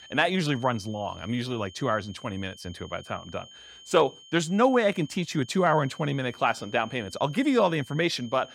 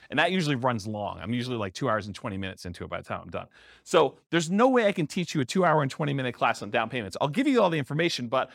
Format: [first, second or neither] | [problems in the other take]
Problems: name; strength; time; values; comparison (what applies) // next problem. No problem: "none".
second | high-pitched whine; faint; throughout; 3 kHz, 20 dB below the speech